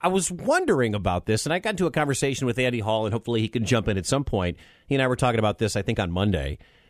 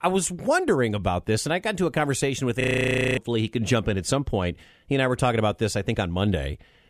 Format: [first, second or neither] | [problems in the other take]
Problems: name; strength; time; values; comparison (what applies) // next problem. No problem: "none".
first | audio freezing; at 2.5 s for 0.5 s